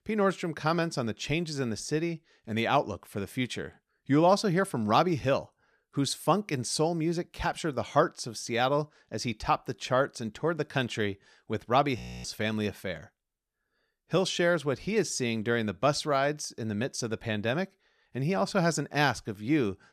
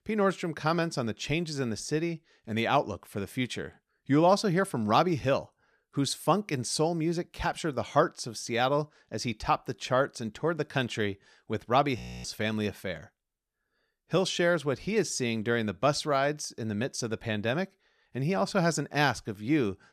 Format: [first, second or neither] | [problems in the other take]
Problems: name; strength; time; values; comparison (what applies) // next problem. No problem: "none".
neither | audio freezing; at 12 s; the same in both